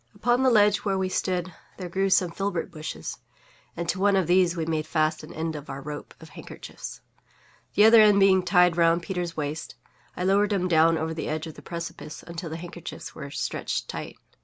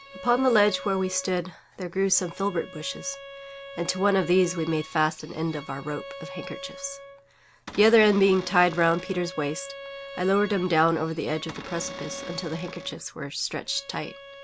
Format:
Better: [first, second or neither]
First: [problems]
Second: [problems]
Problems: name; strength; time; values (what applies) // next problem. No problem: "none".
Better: first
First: none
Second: background sound (Bowed string instrument + Cupboard open or close / Door); 15 dB below the speech